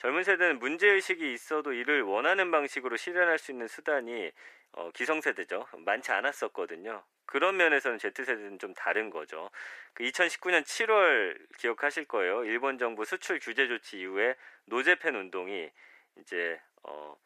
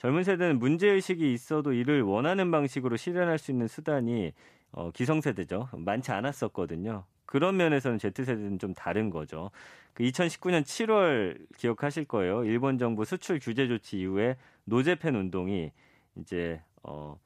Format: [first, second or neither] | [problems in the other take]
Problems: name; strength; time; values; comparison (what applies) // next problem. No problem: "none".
second | thin; very; fading below 400 Hz